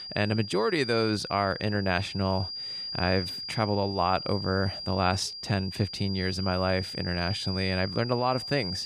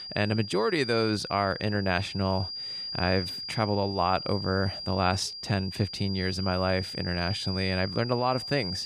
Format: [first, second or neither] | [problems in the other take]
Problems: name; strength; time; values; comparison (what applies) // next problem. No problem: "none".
neither | high-pitched whine; loud; throughout; 5 kHz, 7 dB below the speech; the same in both